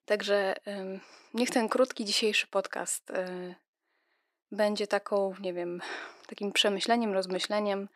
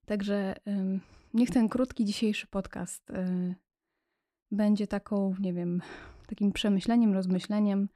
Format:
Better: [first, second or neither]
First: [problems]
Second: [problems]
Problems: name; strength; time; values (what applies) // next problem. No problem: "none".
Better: second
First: thin; very; fading below 400 Hz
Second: none